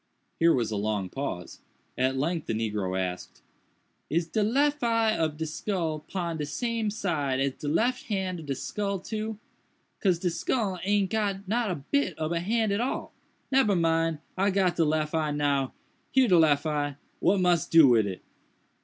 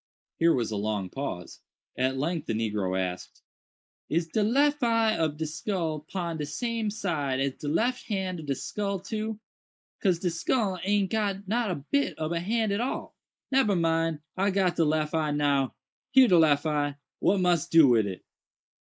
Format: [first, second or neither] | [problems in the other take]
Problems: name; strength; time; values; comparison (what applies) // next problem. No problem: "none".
first | noise reduction (neural mask model Resemble Enhance denoiser)